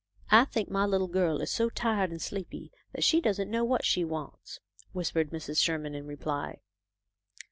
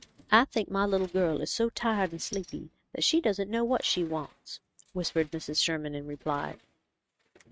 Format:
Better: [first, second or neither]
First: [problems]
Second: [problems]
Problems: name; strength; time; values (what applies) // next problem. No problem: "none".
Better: first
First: none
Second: noise reduction (neural mask model RNNoise)